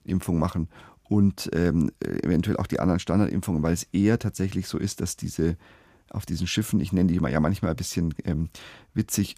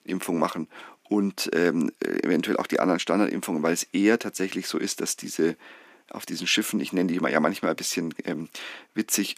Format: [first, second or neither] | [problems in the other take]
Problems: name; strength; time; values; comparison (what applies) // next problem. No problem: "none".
first | thin; somewhat; fading below 250 Hz